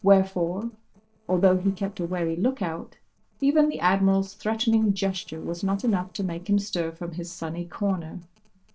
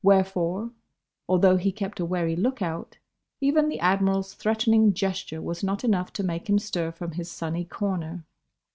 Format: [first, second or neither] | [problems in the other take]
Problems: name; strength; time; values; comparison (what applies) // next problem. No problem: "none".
second | noise reduction (neural separator model SepFormer DNS4)